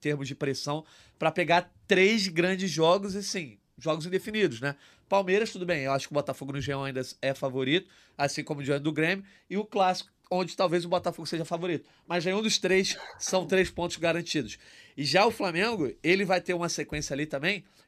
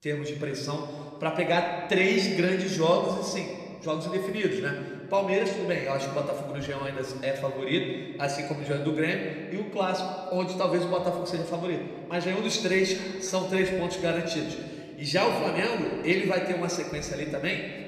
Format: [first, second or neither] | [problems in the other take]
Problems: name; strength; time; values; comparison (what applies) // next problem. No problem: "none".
first | room echo; slight; dies away in 1.6 s // off-mic speech; somewhat distant